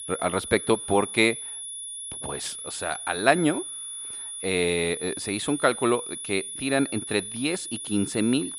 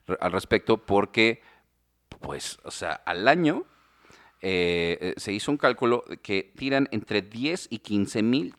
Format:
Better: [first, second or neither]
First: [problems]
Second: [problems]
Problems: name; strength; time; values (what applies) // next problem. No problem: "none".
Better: second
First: high-pitched whine; loud; throughout; 10.5 kHz, 7 dB below the speech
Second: none